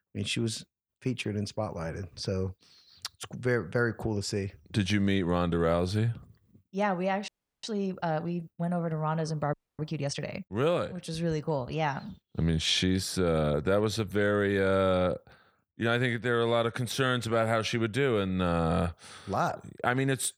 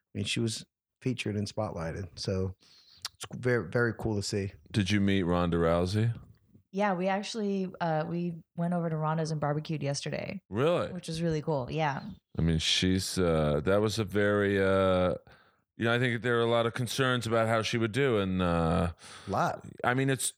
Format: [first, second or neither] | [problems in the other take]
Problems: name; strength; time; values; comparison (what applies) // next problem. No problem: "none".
second | audio freezing; at 7.5 s and at 9.5 s